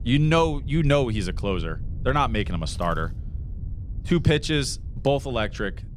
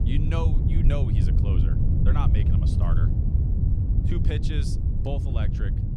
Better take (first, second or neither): first